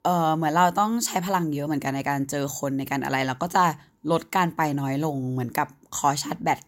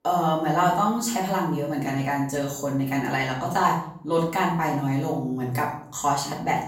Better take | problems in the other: first | off-mic speech; far // room echo; noticeable; dies away in 0.5 s

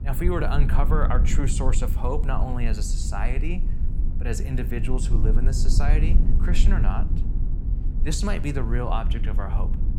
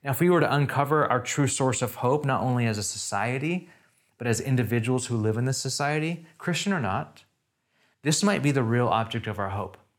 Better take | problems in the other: second | low rumble; loud; throughout; 9 dB below the speech

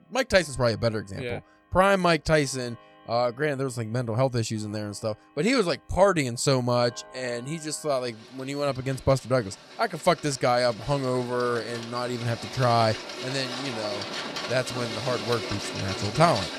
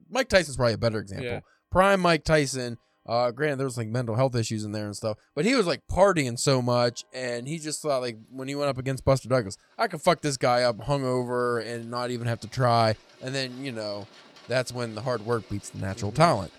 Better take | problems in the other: second | household noises; loud; throughout; 9 dB below the speech; faint in the second

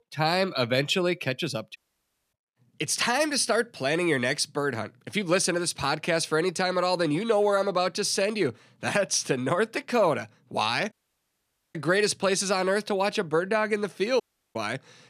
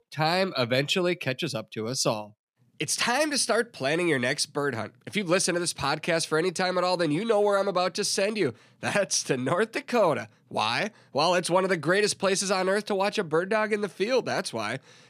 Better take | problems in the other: second | audio cutting out; at 2 s for 0.5 s, at 11 s for 1 s and at 14 s

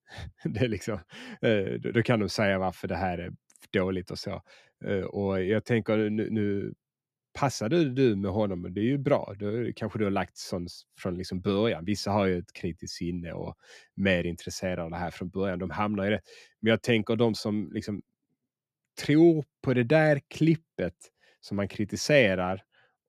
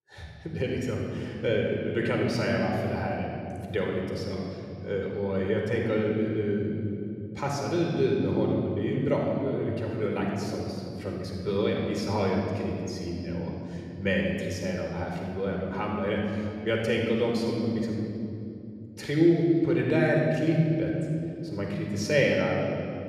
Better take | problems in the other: first | off-mic speech; somewhat distant // room echo; noticeable; dies away in 3 s

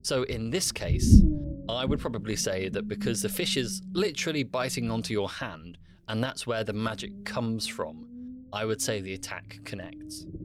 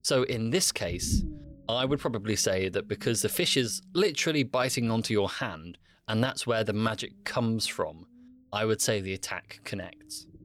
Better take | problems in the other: second | low rumble; loud; throughout; 8 dB below the speech; faint in the second

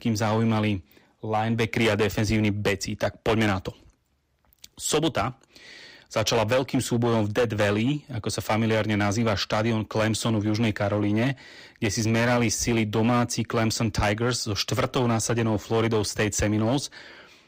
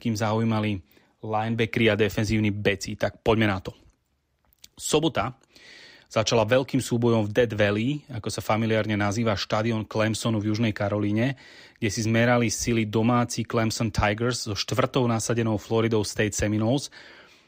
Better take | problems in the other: second | distortion; slight; 9% of the sound clipped

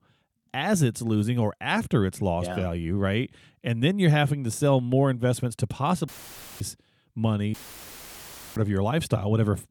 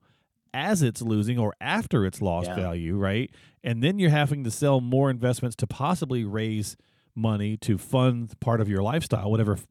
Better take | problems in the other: second | audio cutting out; filled with static; at 6 s for 0.5 s and at 7.5 s for 1 s

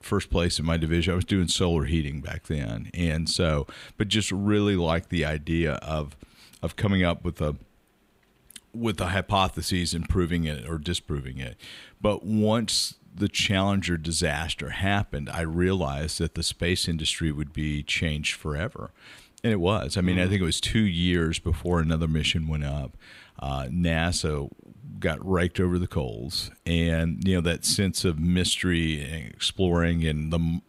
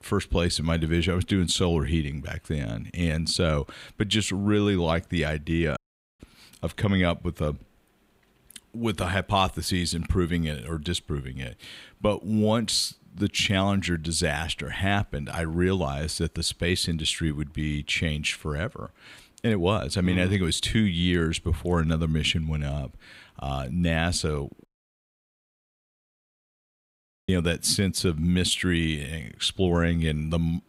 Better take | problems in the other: first | audio cutting out; at 6 s and at 25 s for 2.5 s

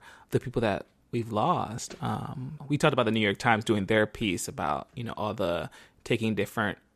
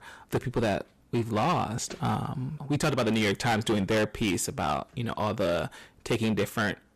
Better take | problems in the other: first | distortion; heavy; 12% of the sound clipped

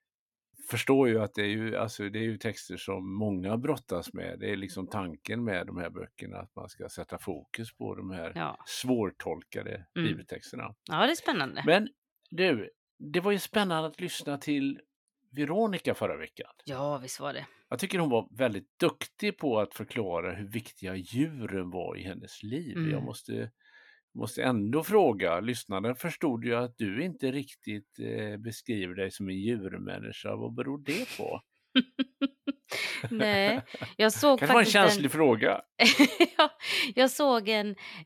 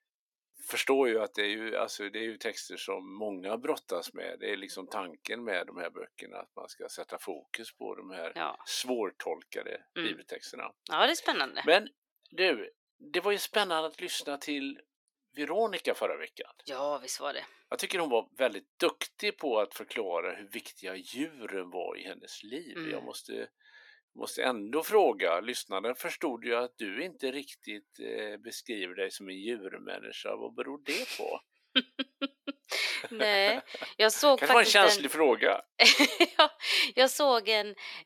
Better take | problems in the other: first | thin; somewhat; fading below 350 Hz

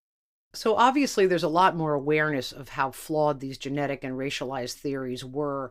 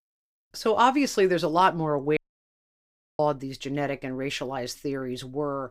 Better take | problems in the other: first | audio cutting out; at 2 s for 1 s

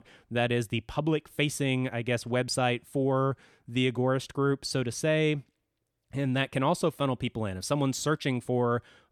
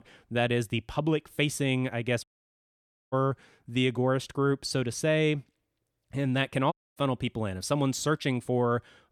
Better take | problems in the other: first | audio cutting out; at 2 s for 1 s and at 6.5 s

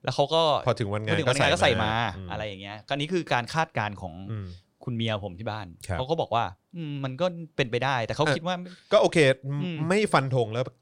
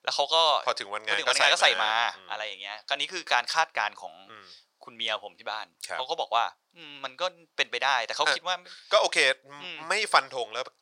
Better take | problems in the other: first | thin; very; fading below 950 Hz

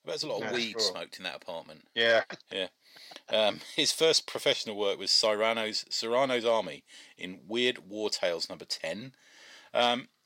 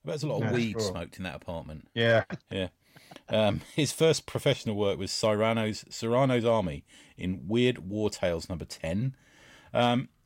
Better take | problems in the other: second | thin; somewhat; fading below 400 Hz

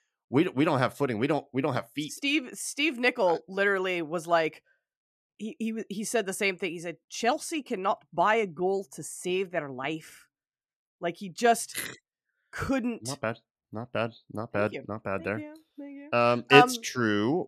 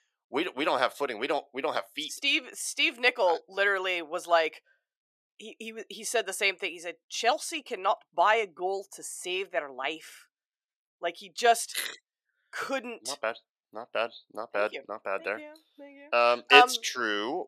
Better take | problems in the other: first | thin; somewhat; fading below 550 Hz

